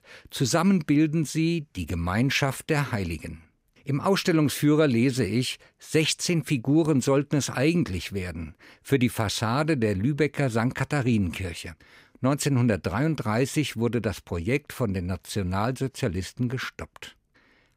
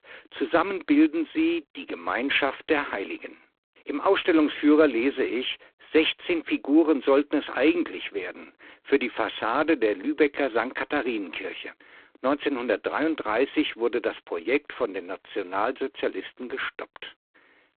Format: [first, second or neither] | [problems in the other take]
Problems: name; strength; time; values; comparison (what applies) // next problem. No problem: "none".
first | phone-call audio; poor line